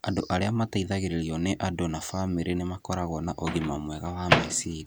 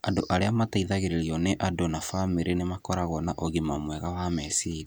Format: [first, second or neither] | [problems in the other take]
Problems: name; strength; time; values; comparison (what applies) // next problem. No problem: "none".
second | background sound (Microwave oven); 5 dB below the speech